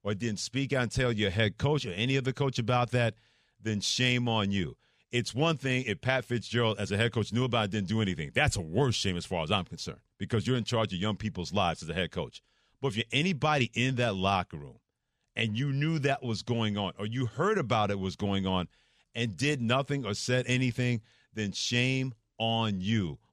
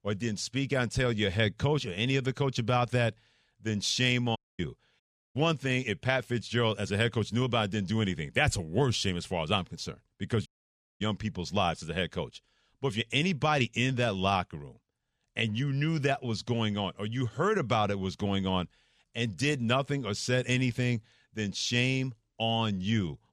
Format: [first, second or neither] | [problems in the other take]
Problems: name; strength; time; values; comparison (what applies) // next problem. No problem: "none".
first | audio cutting out; at 4.5 s, at 5 s and at 10 s for 0.5 s